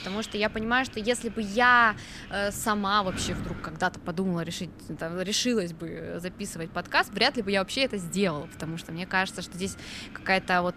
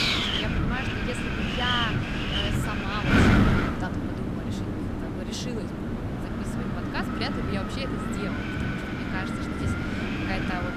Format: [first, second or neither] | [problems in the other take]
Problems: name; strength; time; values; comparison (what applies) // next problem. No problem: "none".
first | wind noise on the microphone; heavy; 5 dB above the speech; occasional gusts in the first